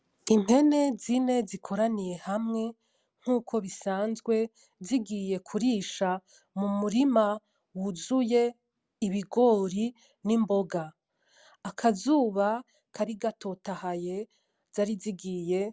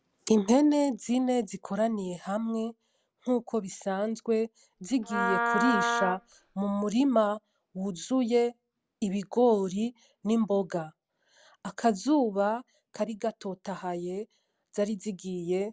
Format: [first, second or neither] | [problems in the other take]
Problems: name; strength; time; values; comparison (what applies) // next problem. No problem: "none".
first | background sound (Wind instrument, woodwind instrument); 1 dB below the speech